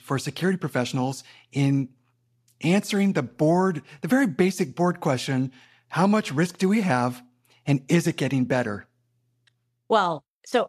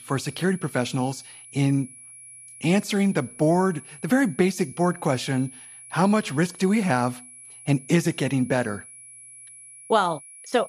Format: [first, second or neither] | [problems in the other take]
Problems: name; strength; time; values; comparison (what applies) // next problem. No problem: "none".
first | high-pitched whine; noticeable; throughout; 10.5 kHz, 20 dB below the speech